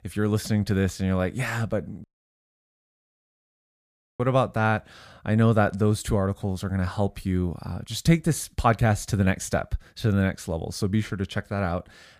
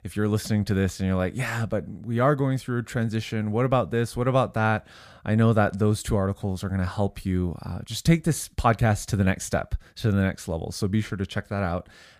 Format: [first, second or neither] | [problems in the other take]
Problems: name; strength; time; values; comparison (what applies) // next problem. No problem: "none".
second | audio cutting out; at 2 s for 2 s